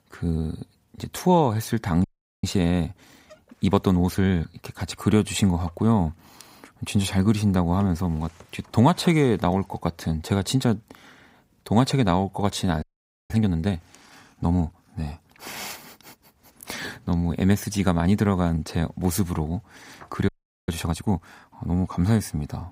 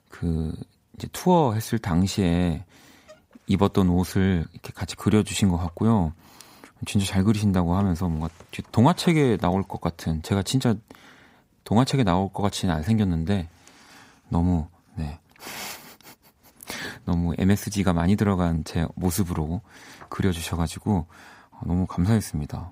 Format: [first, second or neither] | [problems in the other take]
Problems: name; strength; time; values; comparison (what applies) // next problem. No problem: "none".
second | audio freezing; at 2 s, at 13 s and at 20 s